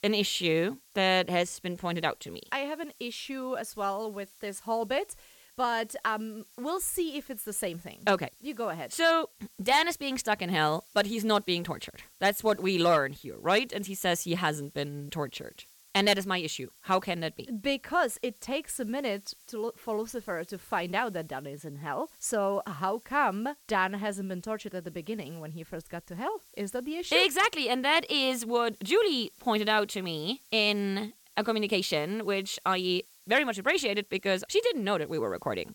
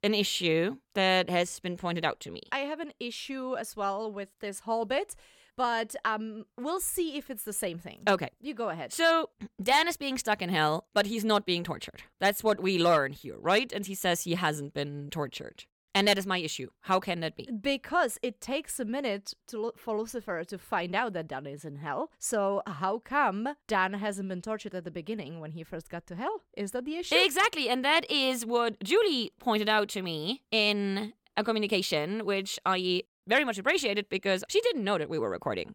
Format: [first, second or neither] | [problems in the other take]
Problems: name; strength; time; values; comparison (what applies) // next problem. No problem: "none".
second | hiss; faint; throughout; 25 dB below the speech